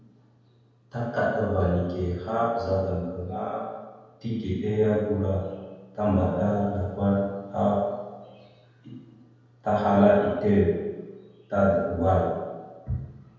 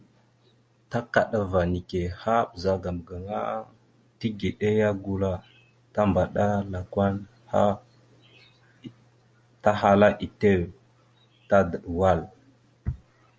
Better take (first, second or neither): second